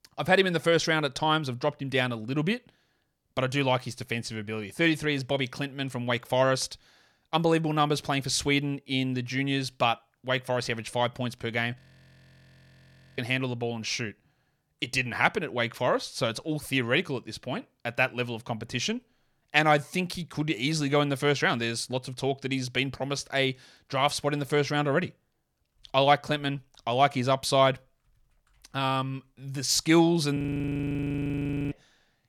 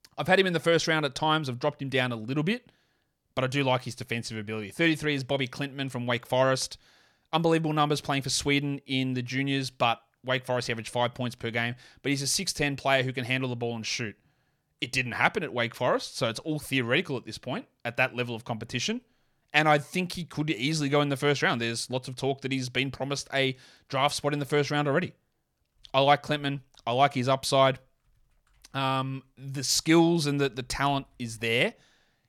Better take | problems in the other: second | audio freezing; at 12 s for 1.5 s and at 30 s for 1.5 s

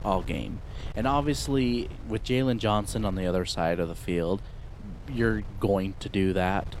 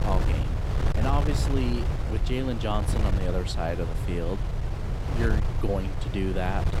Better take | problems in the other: first | wind noise on the microphone; heavy; 4 dB below the speech; occasional gusts in the first

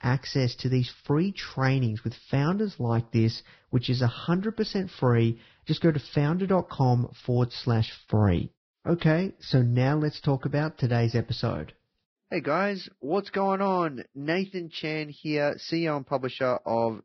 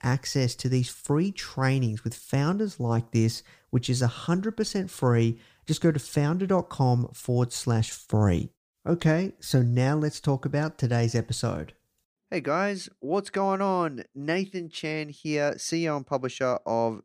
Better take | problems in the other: second | garbled, watery; badly; nothing above 5.5 kHz

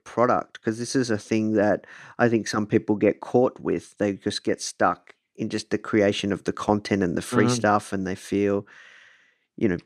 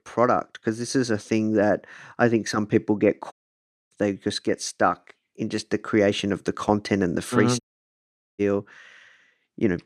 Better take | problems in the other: first | audio cutting out; at 3.5 s for 0.5 s and at 7.5 s for 1 s

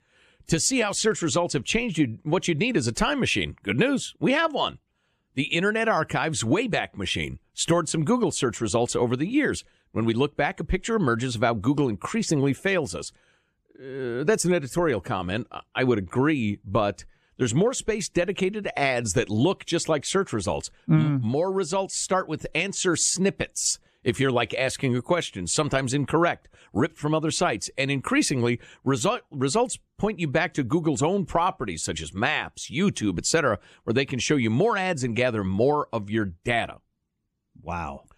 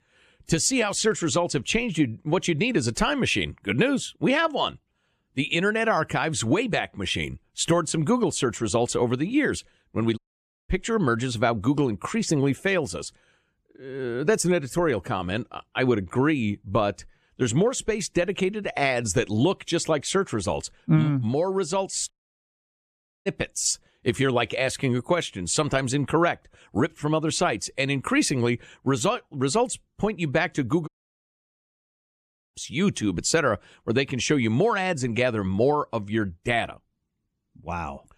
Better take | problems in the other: first | audio cutting out; at 10 s for 0.5 s, at 22 s for 1 s and at 31 s for 1.5 s

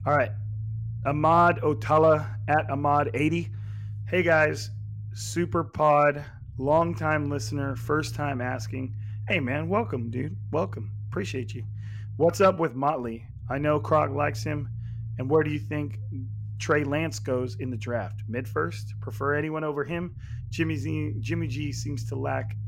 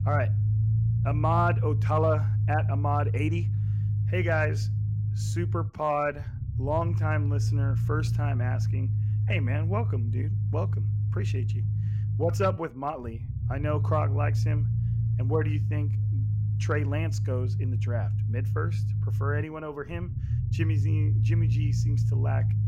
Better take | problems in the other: first | low rumble; loud; throughout; 9 dB below the speech; faint in the first

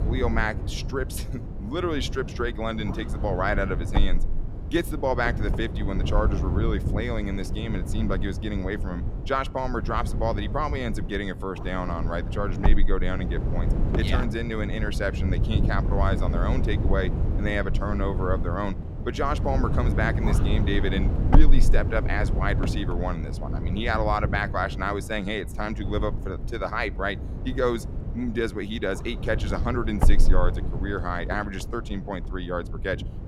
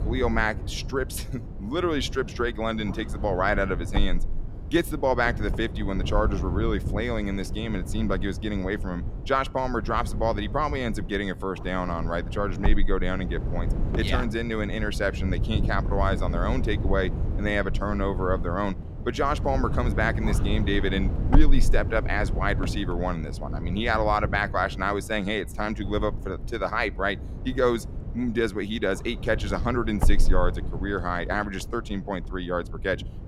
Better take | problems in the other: second | wind noise on the microphone; heavy; 9 dB below the speech; occasional gusts in the second

